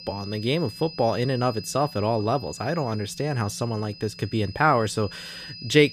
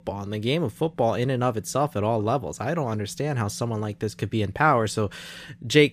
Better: second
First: high-pitched whine; noticeable; throughout; 5 kHz, 15 dB below the speech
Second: none

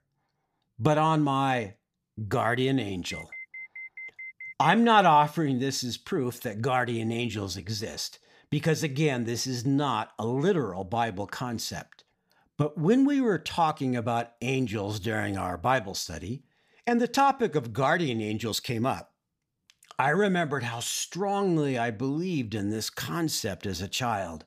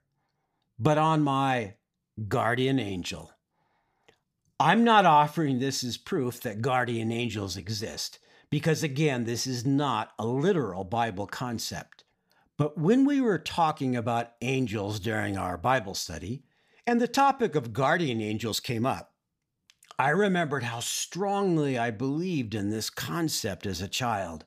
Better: second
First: alarm; faint; from 3 to 5 s; peak 10 dB below the speech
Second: none

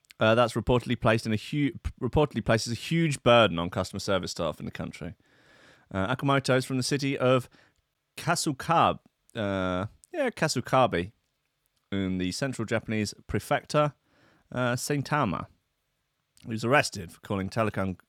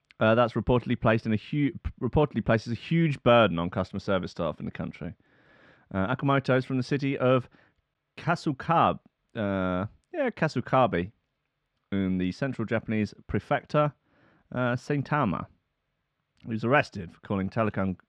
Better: first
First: none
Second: muffled; slightly; fading above 2.5 kHz

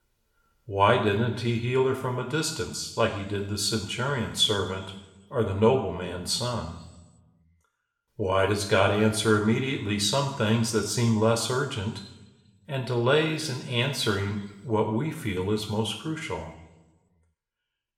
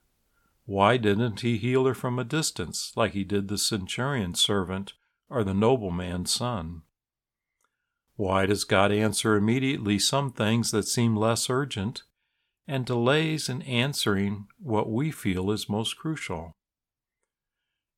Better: second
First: room echo; slight; dies away in 0.9 s // off-mic speech; somewhat distant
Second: none

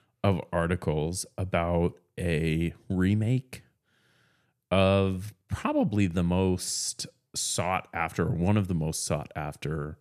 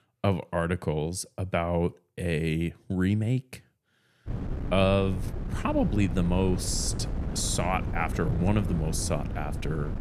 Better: first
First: none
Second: wind noise on the microphone; occasional gusts; from 4.5 s on; 10 dB below the speech

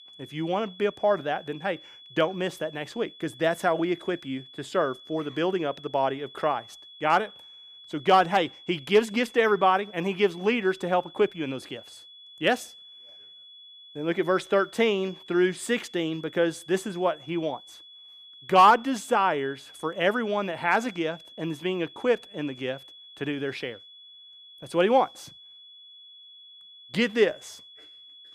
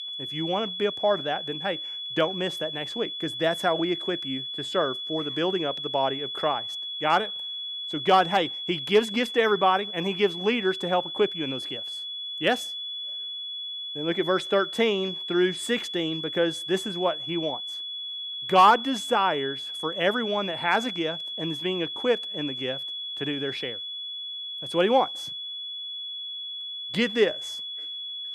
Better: first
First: high-pitched whine; faint; throughout; 3.5 kHz, 20 dB below the speech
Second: high-pitched whine; loud; throughout; 3.5 kHz, 5 dB below the speech

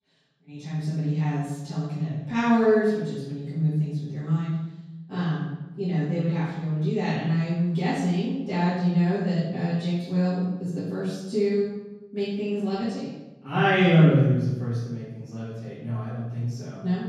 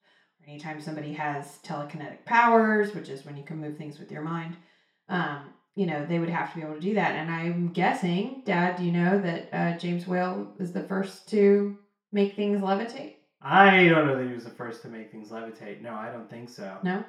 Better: second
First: room echo; strong; dies away in 1.4 s // off-mic speech; far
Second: room echo; slight; dies away in 0.5 s // off-mic speech; far

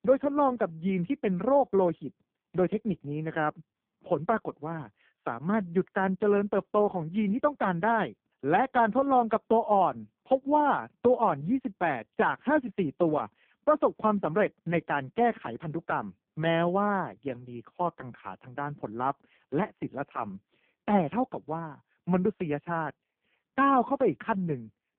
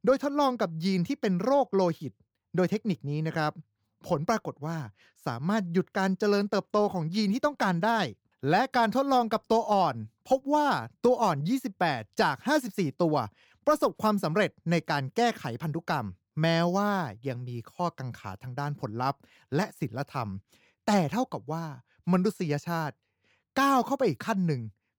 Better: second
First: phone-call audio; poor line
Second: none

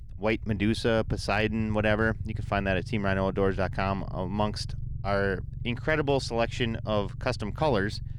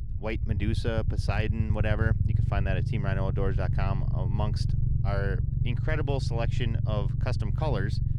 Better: first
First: low rumble; faint; throughout; 25 dB below the speech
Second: low rumble; loud; throughout; 7 dB below the speech

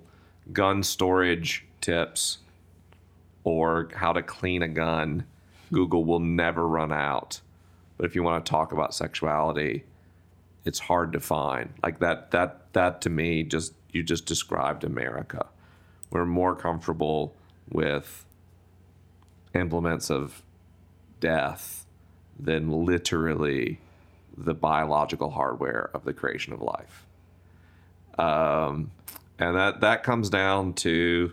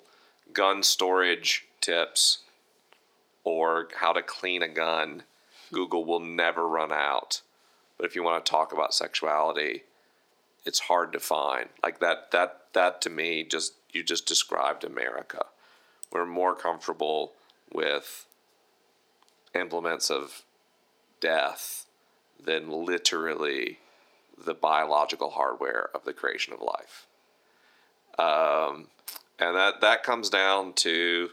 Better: first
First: none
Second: thin; somewhat; fading below 400 Hz

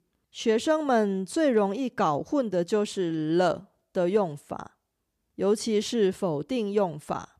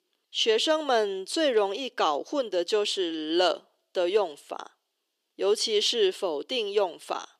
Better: first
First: none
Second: thin; somewhat; fading below 350 Hz

